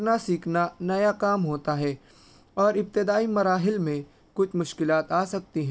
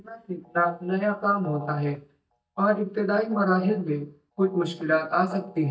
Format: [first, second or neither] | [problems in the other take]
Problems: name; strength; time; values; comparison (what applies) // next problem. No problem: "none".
first | noise reduction (neural mask model DeepFilterNet 3)